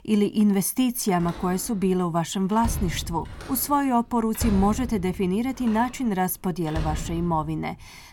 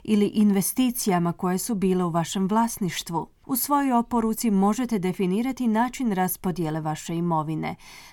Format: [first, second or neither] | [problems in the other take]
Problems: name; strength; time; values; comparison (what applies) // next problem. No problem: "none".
second | door banging; noticeable; from 1 to 7.5 s; peak 5 dB below the speech